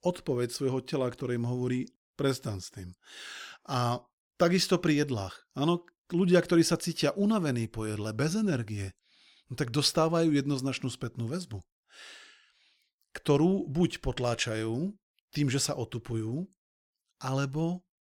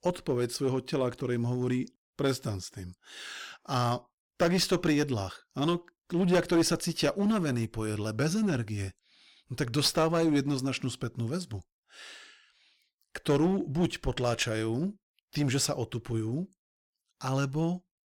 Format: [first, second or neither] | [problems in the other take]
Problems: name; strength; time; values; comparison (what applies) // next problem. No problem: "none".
first | distortion; slight; 4% of the sound clipped